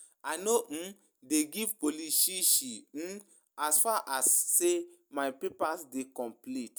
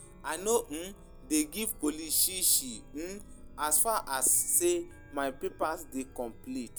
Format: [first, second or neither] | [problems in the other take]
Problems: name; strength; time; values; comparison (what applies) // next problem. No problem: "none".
first | background sound (Chime); 18 dB below the speech